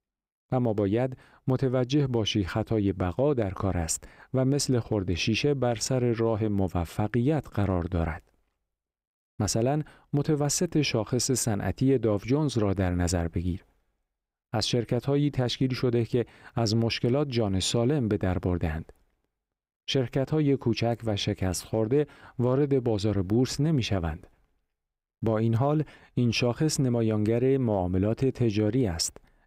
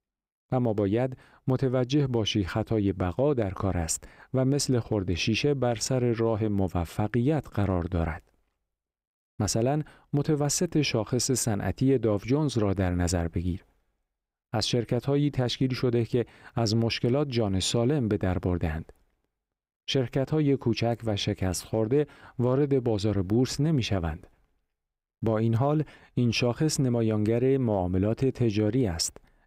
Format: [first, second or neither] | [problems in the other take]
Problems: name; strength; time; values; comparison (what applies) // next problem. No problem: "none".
neither | none